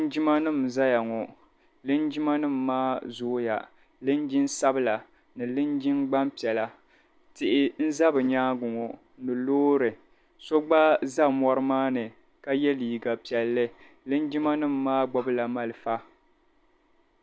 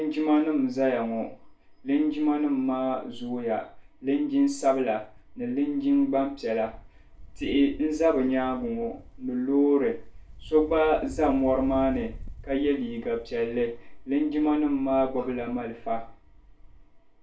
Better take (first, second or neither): first